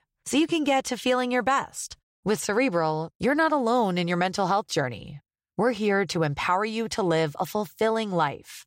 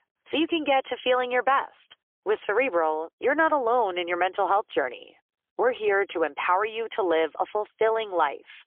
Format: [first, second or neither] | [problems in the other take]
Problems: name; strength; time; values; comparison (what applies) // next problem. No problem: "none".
first | phone-call audio; poor line; nothing above 3.5 kHz